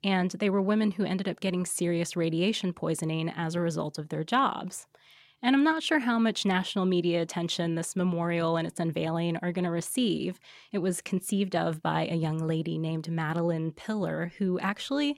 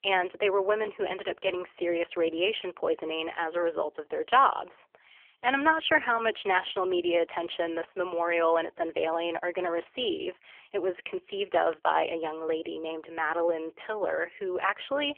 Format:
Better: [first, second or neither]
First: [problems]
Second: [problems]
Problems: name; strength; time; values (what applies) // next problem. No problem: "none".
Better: first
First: none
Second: phone-call audio; poor line; nothing above 3.5 kHz